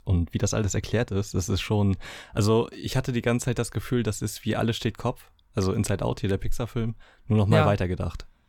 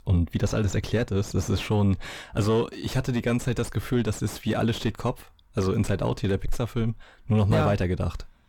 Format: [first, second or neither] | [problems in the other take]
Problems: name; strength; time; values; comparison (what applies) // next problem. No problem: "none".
first | distortion; slight; 8 dB below the speech